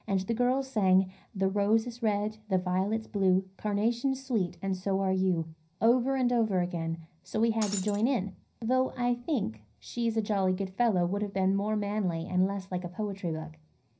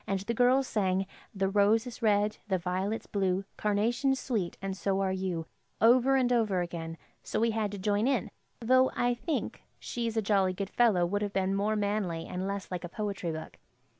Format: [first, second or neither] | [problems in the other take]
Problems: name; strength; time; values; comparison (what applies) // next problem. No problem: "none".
second | background sound (Shatter); 10 dB below the speech // room echo; dies away in 0.4 s